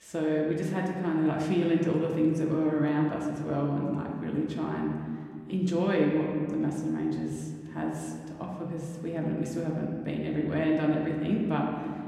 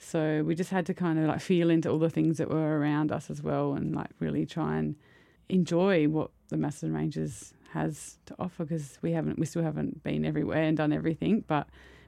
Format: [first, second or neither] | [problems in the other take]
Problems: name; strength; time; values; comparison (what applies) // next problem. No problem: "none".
second | room echo; noticeable; dies away in 1.8 s // off-mic speech; somewhat distant